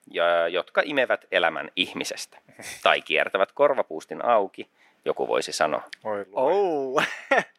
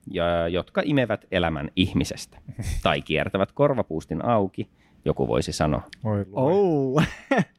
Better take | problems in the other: second | thin; very; fading below 550 Hz

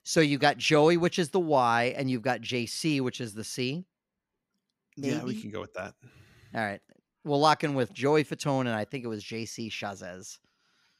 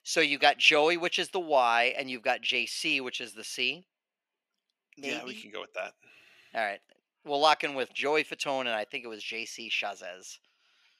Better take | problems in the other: first | thin; somewhat; fading below 400 Hz

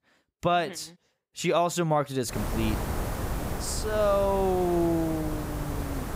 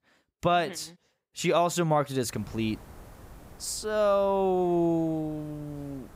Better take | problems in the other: second | hiss; loud; from 2.5 s on; 6 dB below the speech; faint in the second

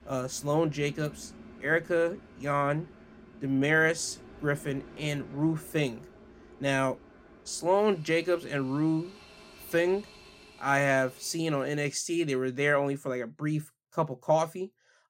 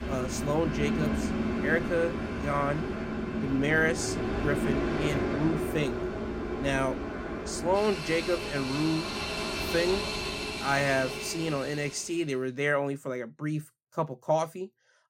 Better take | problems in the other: first | train or aircraft noise; loud; until 12 s; 2 dB below the speech; faint in the first

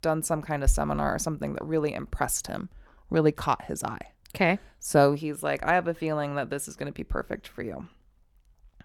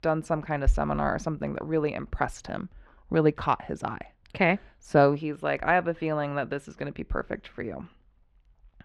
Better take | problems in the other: first | muffled; slightly; fading above 3 kHz

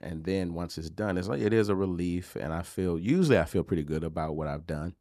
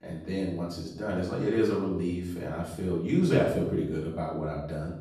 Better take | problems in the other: first | off-mic speech; far // room echo; noticeable; dies away in 0.7 s

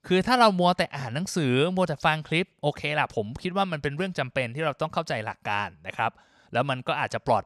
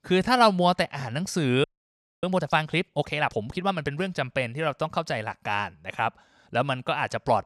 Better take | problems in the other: first | audio freezing; at 1.5 s for 0.5 s

